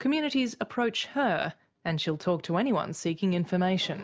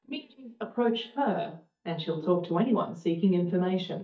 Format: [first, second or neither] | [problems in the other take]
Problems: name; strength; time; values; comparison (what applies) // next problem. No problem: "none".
first | noise reduction (neural mask model DeepFilterNet 3)